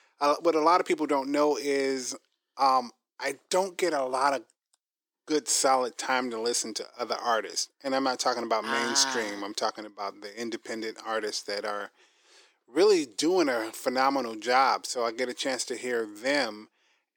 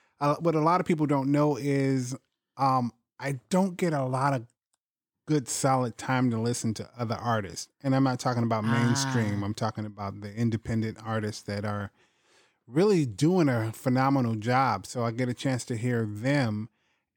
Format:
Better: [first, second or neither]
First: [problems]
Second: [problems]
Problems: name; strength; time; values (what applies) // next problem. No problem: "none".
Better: second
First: thin; somewhat; fading below 350 Hz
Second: none